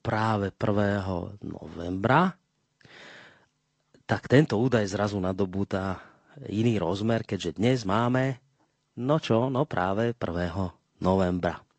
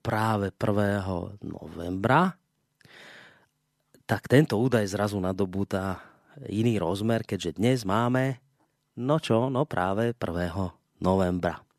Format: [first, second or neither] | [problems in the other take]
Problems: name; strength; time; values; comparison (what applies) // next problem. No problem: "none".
second | garbled, watery; slightly; nothing above 8 kHz